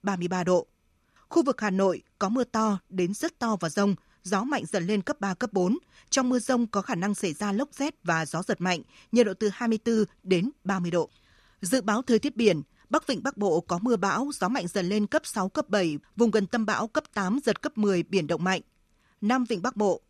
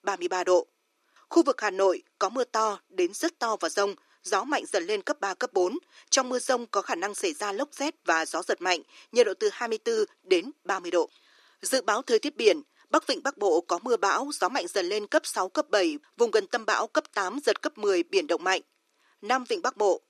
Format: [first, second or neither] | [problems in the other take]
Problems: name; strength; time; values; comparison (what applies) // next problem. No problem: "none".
first | thin; somewhat; fading below 300 Hz